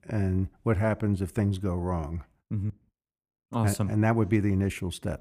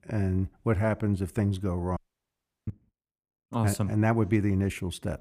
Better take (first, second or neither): first